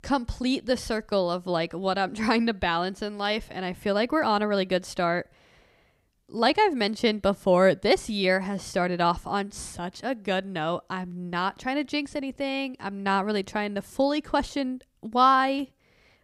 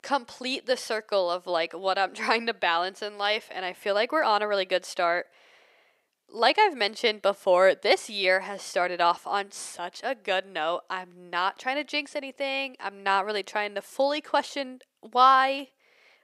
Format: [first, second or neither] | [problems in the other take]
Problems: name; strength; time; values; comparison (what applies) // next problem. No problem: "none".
first | thin; somewhat; fading below 550 Hz